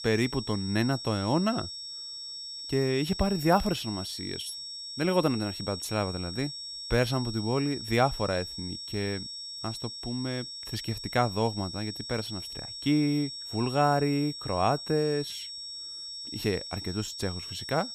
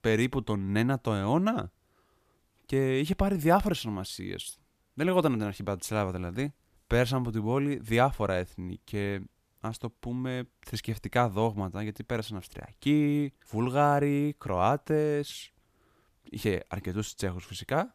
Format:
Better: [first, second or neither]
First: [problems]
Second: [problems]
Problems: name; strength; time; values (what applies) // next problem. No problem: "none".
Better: second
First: high-pitched whine; loud; throughout; 5.5 kHz, 7 dB below the speech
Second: none